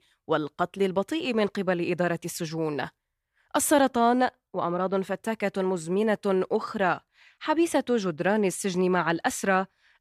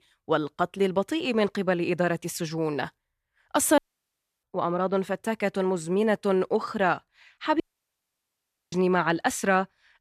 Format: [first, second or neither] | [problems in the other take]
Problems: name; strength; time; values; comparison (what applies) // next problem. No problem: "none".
first | audio cutting out; at 4 s for 0.5 s and at 7.5 s for 1 s